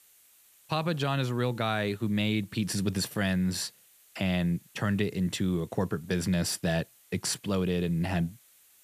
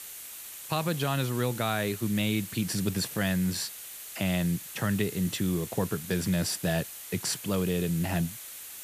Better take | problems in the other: first | hiss; loud; throughout; 10 dB below the speech; faint in the first

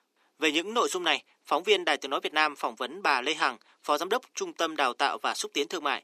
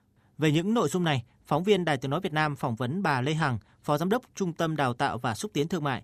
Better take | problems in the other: second | thin; very; fading below 300 Hz

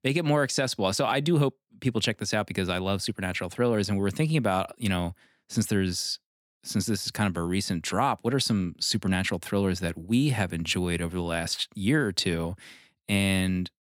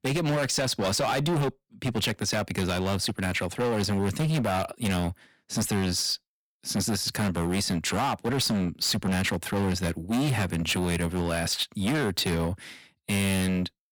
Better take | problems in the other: first | distortion; heavy; 20% of the sound clipped

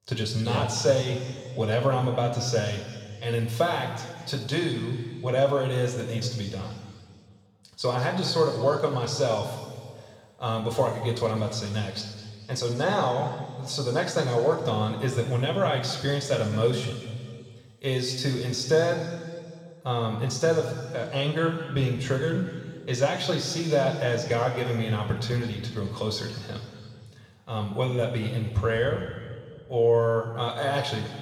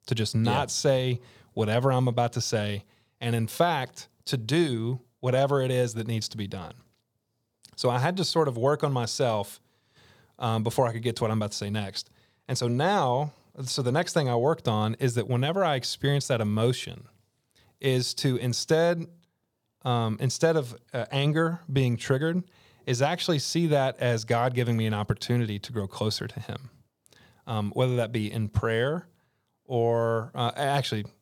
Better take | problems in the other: second | room echo; noticeable; dies away in 2.1 s // off-mic speech; somewhat distant

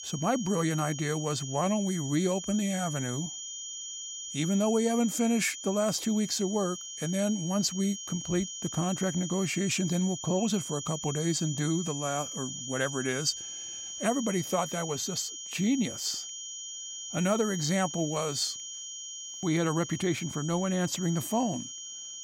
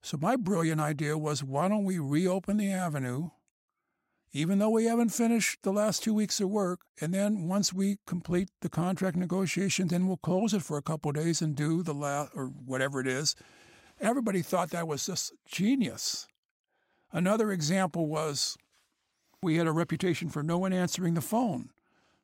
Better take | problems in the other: second | high-pitched whine; loud; throughout; 6.5 kHz, 7 dB below the speech

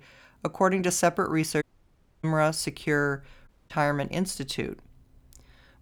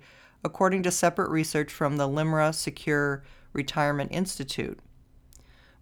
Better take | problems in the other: second | audio cutting out; at 1.5 s for 0.5 s and at 3.5 s

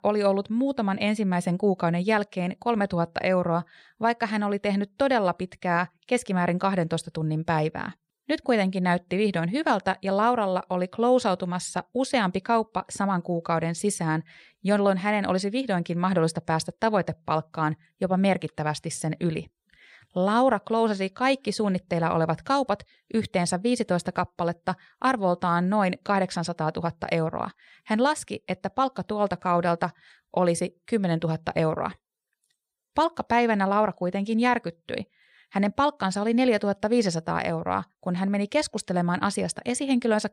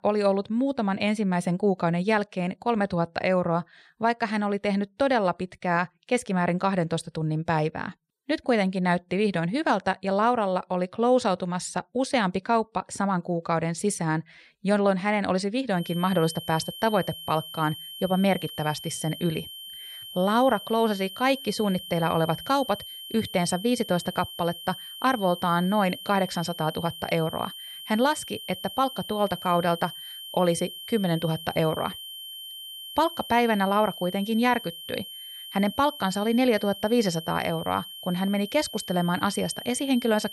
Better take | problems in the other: first | high-pitched whine; noticeable; from 16 s on; 3 kHz, 10 dB below the speech

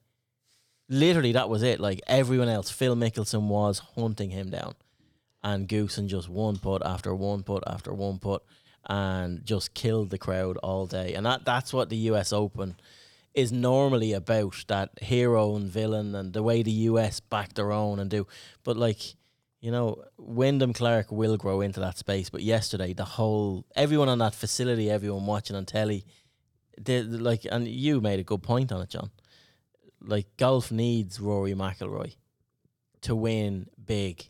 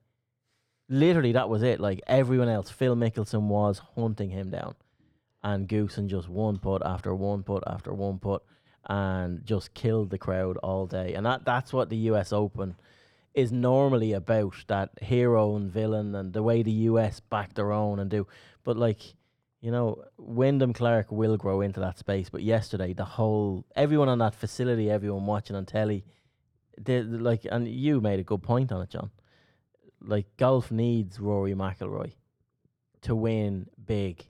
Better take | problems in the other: first | muffled; slightly; fading above 3 kHz

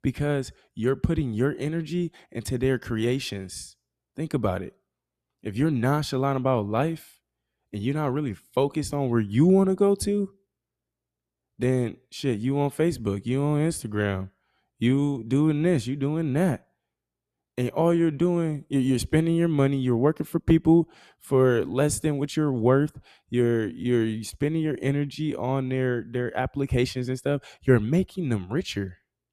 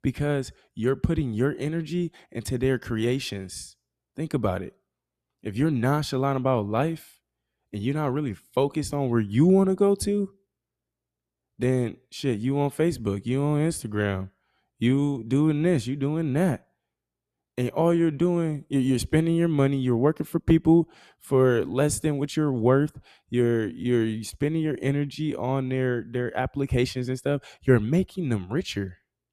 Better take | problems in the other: neither | none

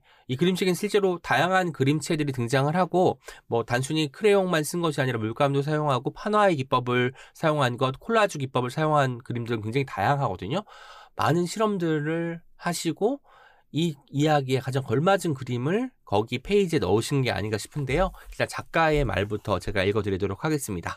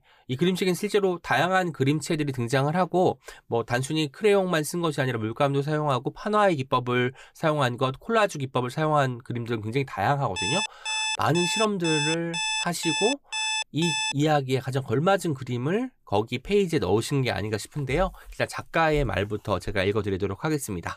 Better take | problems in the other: first | alarm; loud; from 10 to 14 s; peak level with the speech

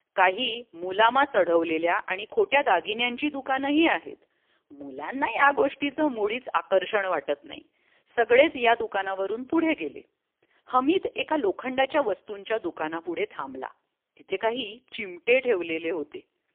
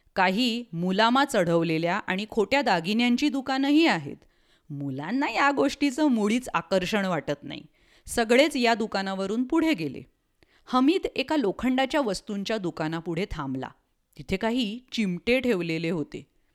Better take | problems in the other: second | phone-call audio; poor line; nothing above 3 kHz

